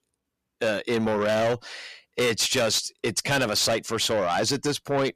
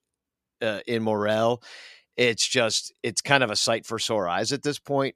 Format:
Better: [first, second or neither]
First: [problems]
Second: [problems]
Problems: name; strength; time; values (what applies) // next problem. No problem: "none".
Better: second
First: distortion; heavy; 6 dB below the speech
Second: none